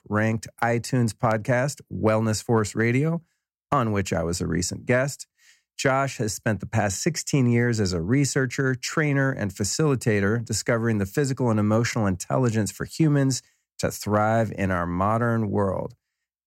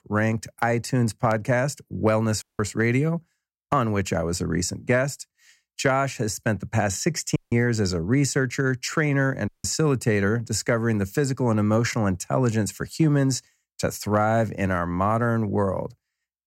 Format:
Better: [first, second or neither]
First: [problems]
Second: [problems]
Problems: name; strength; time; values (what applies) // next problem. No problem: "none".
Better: first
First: none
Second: audio cutting out; at 2.5 s, at 7.5 s and at 9.5 s